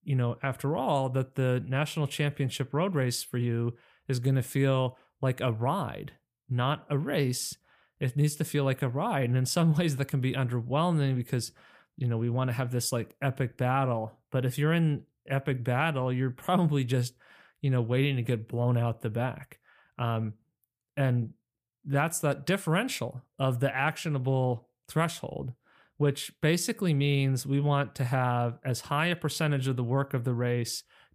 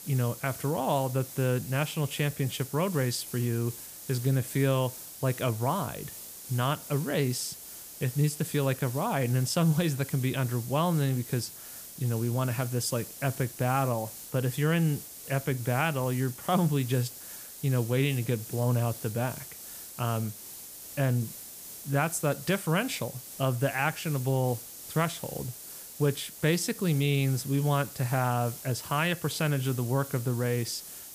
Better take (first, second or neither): first